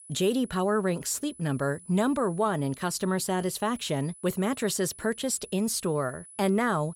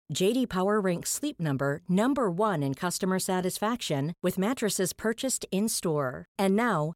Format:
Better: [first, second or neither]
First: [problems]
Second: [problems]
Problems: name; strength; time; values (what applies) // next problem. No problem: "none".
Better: second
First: high-pitched whine; noticeable; throughout; 10 kHz, 20 dB below the speech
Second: none